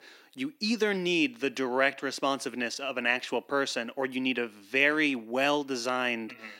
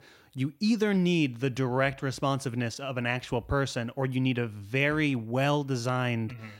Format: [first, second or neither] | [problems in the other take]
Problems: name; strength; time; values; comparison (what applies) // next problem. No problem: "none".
second | thin; very slightly; fading below 250 Hz